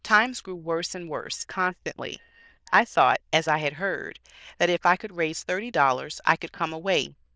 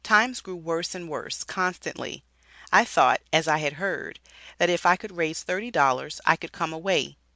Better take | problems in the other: second | noise reduction (neural diffusion model UNIVERSE++)

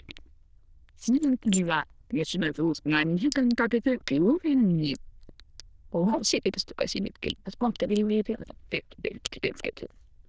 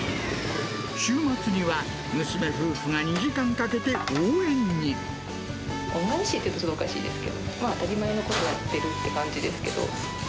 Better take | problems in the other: second | noise reduction (neural diffusion model UNIVERSE++)

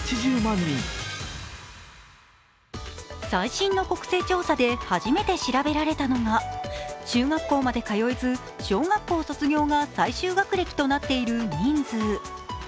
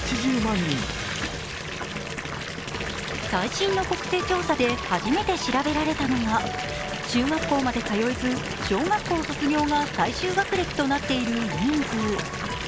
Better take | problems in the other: first | background sound (Fill (with liquid) / Bathtub (filling or washing) / Water tap, faucet); 6 dB below the speech

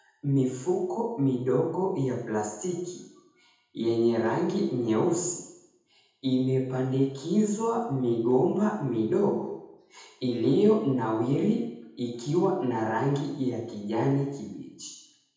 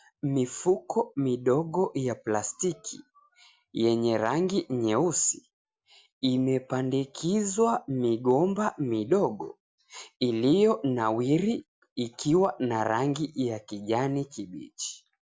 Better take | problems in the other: second | room echo; dies away in 0.8 s

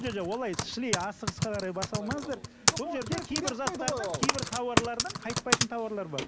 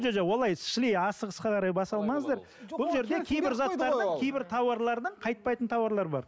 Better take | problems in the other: second | background sound (Typing); 2 dB above the speech

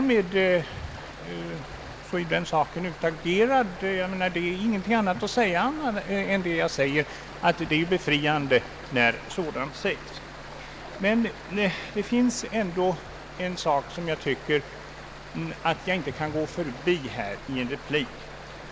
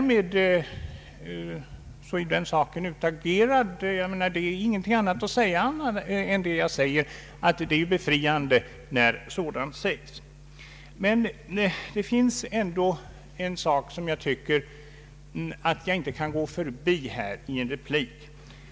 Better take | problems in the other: second | background sound (Stream); 15 dB below the speech

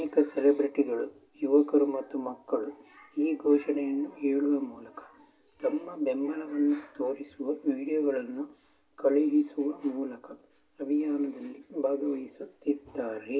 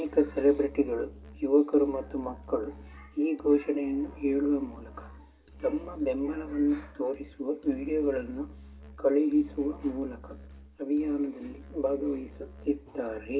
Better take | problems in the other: first | background sound (Musical instrument); 19 dB below the speech

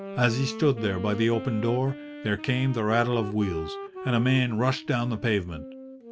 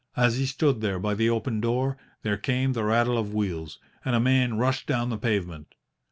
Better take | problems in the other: second | background sound (Wind instrument, woodwind instrument); 12 dB below the speech

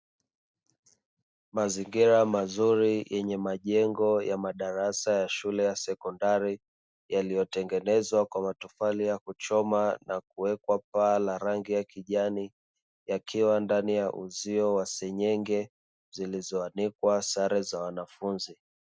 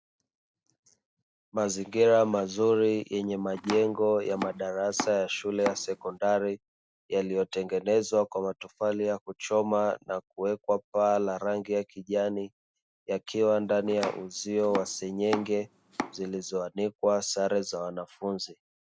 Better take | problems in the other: first | background sound (Domestic sounds, home sounds); 11 dB below the speech

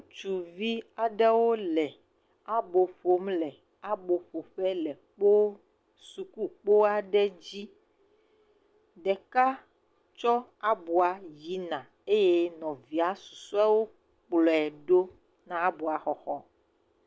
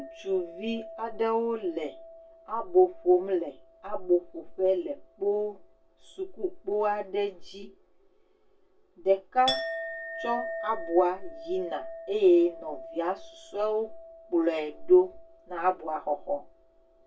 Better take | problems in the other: first | background sound (Chink, clink); 14 dB below the speech // room echo; dies away in 0.1 s

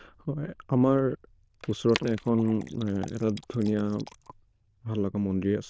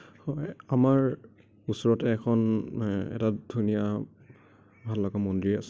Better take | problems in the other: second | noise reduction (neural diffusion model UNIVERSE++)

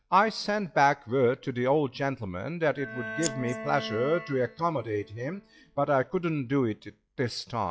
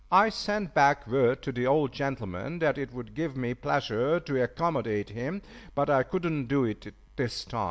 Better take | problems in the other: second | noise reduction (classical method log-MMSE)

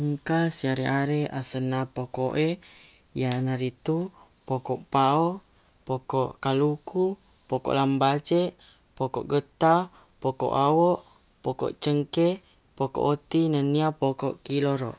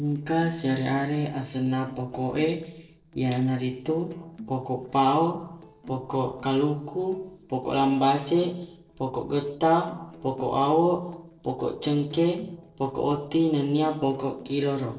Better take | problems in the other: first | noise reduction (neural separator model SepFormer DNS4)

